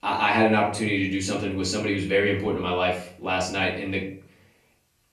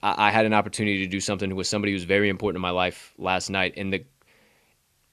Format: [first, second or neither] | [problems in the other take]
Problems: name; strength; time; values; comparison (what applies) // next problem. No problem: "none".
second | off-mic speech; far // room echo; slight; dies away in 0.4 s